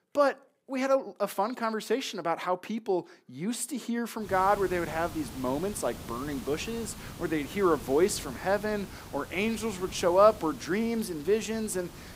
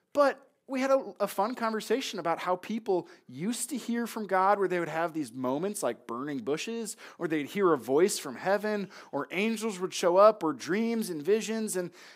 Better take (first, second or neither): second